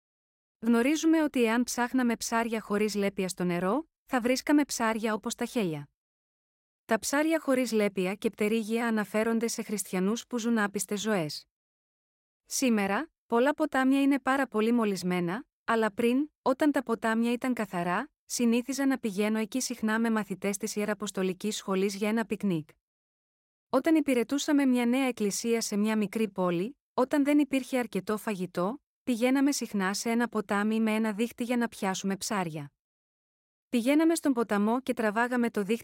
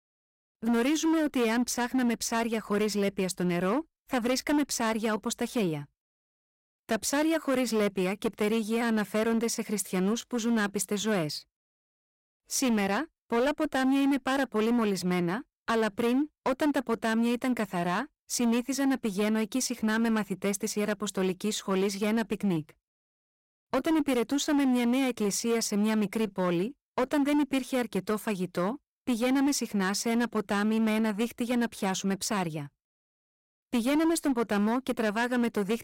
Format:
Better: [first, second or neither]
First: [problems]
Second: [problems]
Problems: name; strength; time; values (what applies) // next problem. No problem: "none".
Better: first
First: none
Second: distortion; slight; 12% of the sound clipped